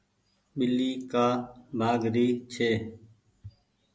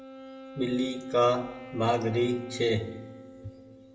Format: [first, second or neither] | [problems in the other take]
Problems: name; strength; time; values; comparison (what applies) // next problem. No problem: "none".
first | background sound (Wind instrument, woodwind instrument); 15 dB below the speech // room echo; dies away in 1.1 s